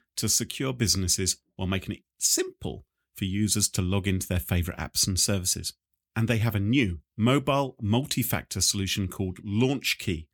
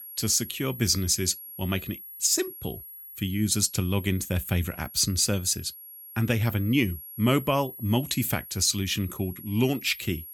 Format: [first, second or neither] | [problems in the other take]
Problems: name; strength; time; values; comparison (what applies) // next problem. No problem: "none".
first | high-pitched whine; noticeable; throughout; 11.5 kHz, 15 dB below the speech